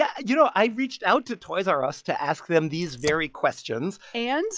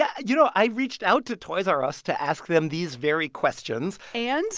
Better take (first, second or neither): second